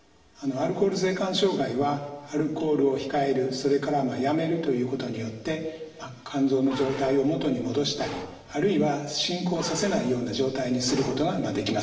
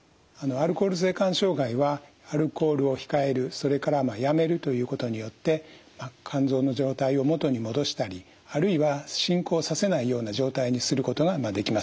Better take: second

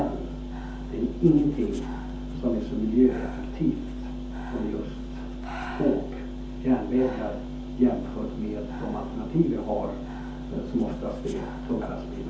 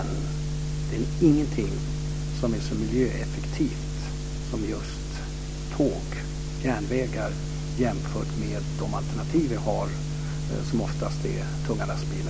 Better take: second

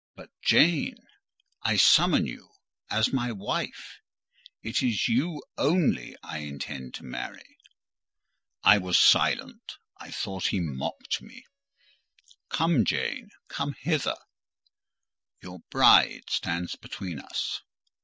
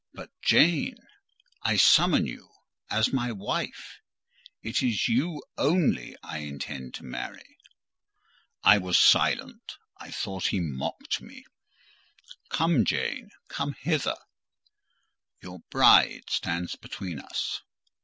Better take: second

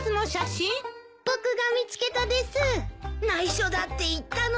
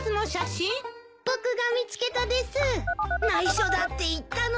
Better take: first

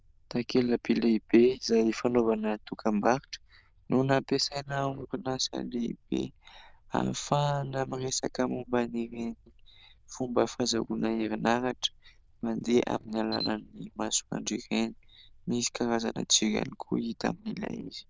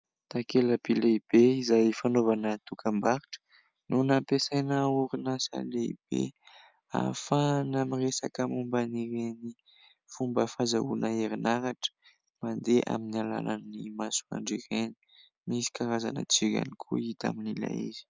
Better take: second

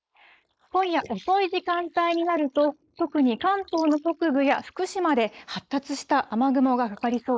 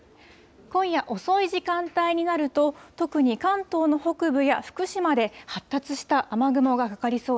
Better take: second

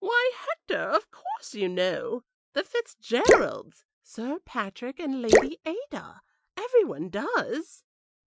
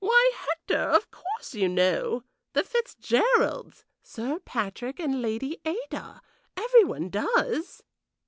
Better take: second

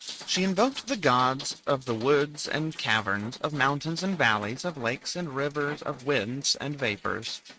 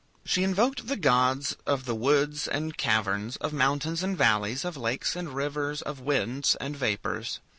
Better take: second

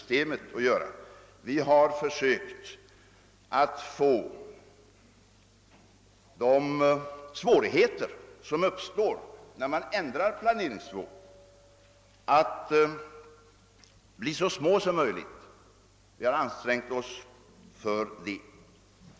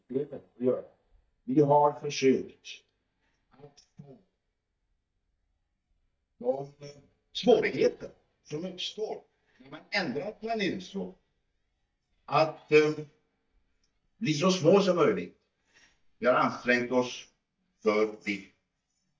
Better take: first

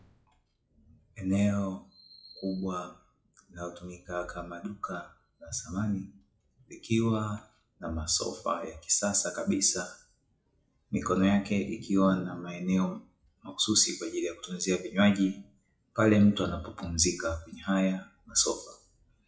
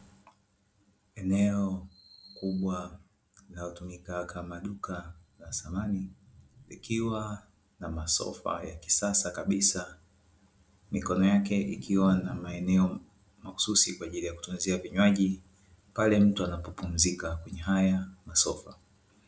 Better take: second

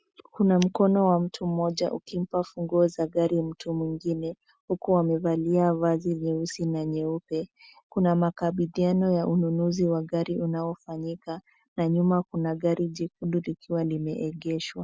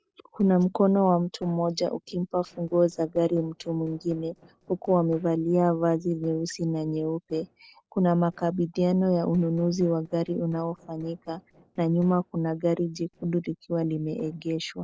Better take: first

